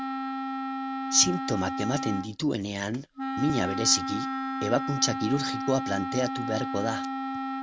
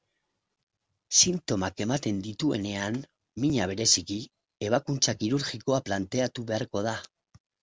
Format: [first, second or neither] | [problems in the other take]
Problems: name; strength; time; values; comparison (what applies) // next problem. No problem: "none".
second | background sound (Wind instrument, woodwind instrument); 3 dB below the speech